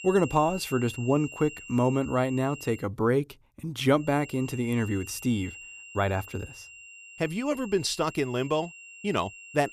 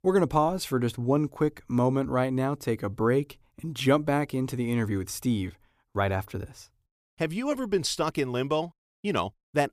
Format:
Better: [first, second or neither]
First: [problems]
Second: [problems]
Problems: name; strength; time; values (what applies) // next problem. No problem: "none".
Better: second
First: high-pitched whine; noticeable; until 3 s and from 4 s on; 3 kHz, 15 dB below the speech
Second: none